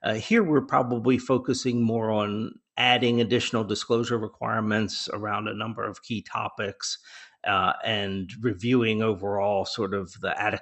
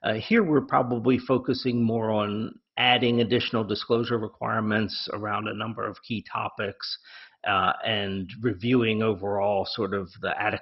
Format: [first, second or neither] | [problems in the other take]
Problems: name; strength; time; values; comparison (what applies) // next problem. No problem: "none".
first | garbled, watery; badly; nothing above 5.5 kHz; slightly in the first